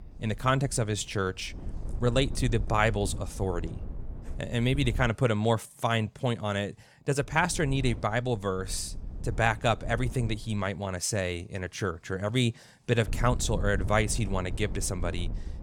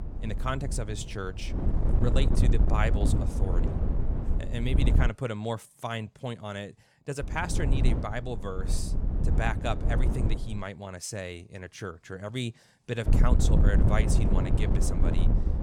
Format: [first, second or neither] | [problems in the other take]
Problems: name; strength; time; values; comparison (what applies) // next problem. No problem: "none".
first | wind noise on the microphone; heavy; until 5 s, from 7 to 11 s and from 13 s on; 4 dB below the speech; occasional gusts in the first